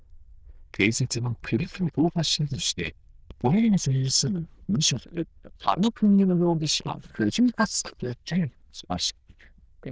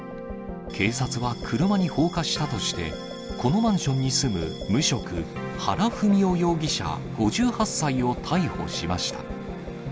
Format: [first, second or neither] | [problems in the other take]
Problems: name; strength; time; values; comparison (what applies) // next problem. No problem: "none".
second | noise reduction (neural diffusion model UNIVERSE++)